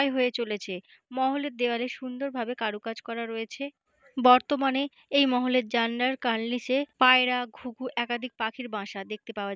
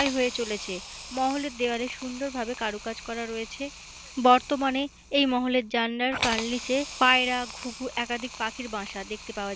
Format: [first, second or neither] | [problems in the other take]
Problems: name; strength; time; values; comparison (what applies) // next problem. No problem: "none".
first | background sound (Hiss); 12 dB below the speech